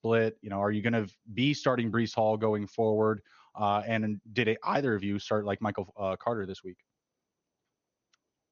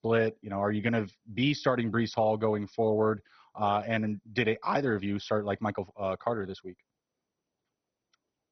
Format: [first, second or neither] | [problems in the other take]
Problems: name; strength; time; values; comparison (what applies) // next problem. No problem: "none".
first | garbled, watery; badly; nothing above 6 kHz; slightly in the first